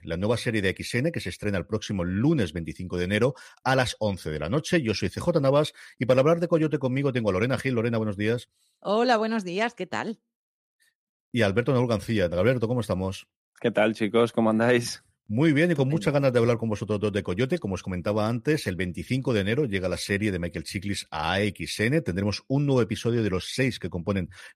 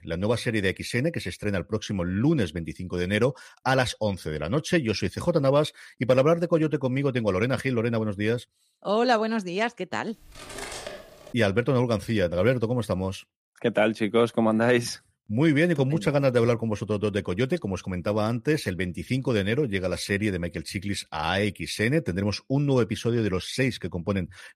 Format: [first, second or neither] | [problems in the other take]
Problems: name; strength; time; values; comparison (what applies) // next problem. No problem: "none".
first | clattering dishes; noticeable; from 10 to 11 s; peak 10 dB below the speech